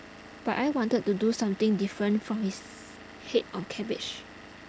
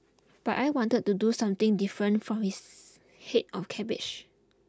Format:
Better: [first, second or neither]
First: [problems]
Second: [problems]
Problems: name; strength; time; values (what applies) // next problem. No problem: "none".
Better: second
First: background sound (Engine / Vehicle); 17 dB below the speech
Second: none